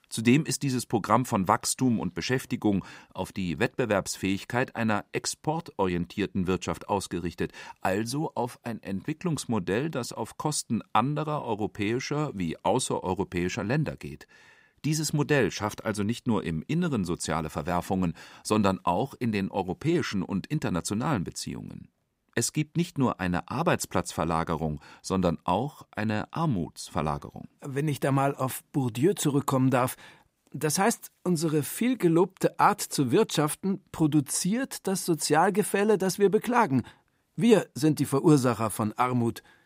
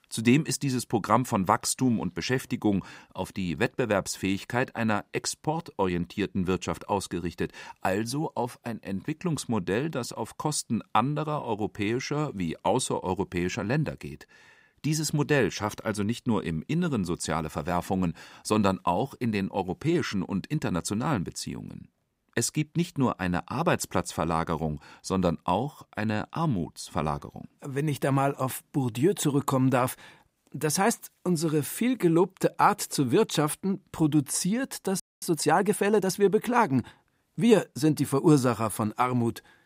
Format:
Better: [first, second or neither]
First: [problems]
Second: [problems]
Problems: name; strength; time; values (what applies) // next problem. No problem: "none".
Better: first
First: none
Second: audio freezing; at 35 s